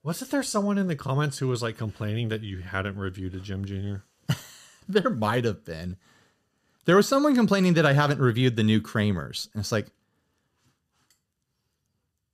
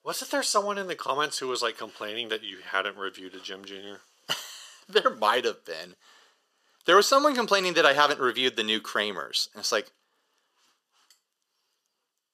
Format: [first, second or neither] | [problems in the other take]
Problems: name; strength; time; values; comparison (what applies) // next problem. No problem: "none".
first | thin; very; fading below 400 Hz